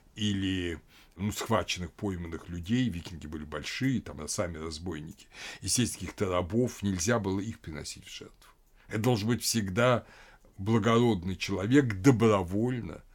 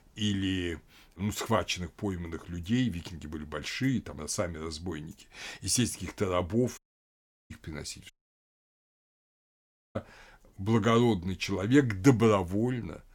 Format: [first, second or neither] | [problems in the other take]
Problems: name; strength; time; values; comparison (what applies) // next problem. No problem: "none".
first | audio cutting out; at 7 s for 0.5 s and at 8 s for 2 s